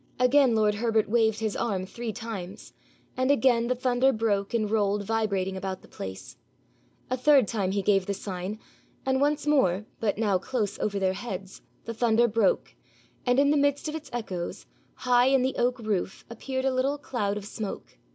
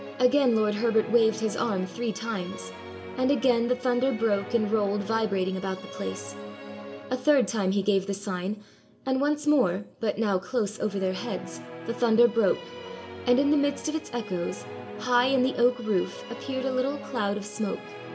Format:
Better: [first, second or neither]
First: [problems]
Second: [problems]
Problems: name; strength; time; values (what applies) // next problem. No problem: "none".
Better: first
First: none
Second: background sound (Musical instrument); 14 dB below the speech // room echo; dies away in 0.4 s